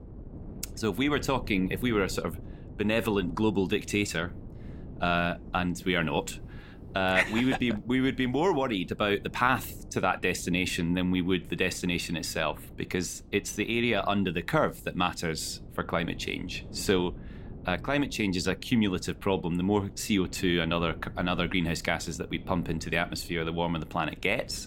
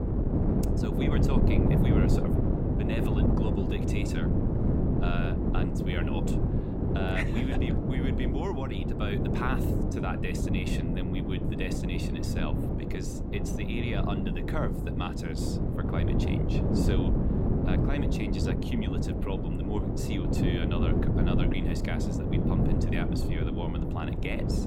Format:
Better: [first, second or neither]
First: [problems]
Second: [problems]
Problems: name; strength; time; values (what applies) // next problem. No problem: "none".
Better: first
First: wind noise on the microphone; occasional gusts; 25 dB below the speech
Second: wind noise on the microphone; heavy; 2 dB above the speech